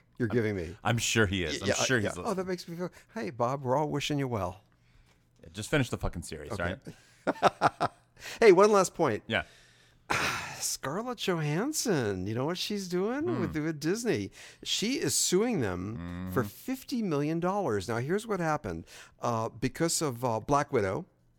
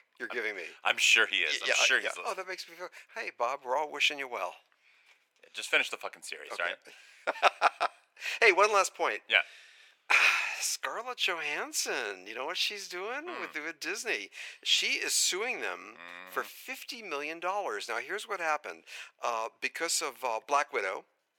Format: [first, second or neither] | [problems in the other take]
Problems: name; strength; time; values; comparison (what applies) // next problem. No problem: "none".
first | thin; very; fading below 500 Hz